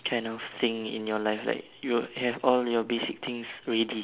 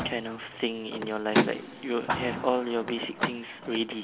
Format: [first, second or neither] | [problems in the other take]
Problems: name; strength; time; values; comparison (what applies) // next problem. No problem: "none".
first | background sound (Car); 2 dB below the speech